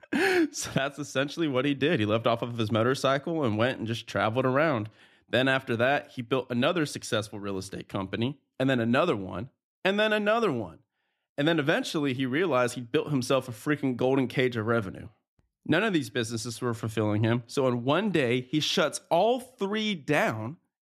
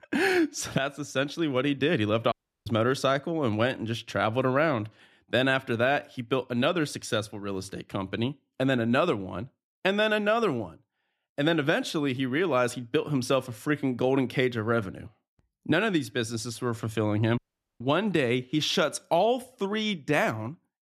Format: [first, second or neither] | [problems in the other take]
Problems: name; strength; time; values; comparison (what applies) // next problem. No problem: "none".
first | audio cutting out; at 2.5 s and at 17 s